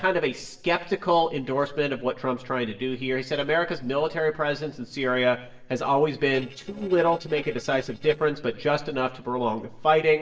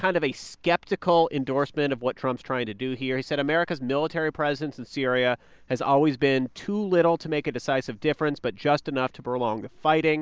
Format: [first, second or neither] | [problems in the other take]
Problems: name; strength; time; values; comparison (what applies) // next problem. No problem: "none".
second | noise reduction (neural separator model SepFormer DNS4)